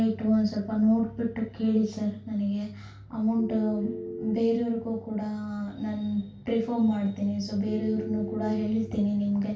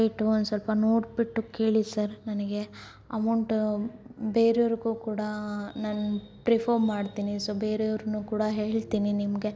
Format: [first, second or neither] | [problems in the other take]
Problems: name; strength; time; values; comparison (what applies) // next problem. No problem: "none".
second | background sound (Telephone); 9 dB below the speech // room echo; dies away in 0.2 s